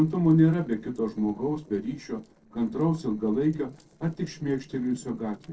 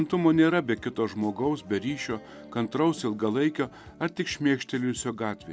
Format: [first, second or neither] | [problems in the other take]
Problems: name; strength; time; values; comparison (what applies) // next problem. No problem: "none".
second | noise reduction (neural separator model SepFormer DNS4)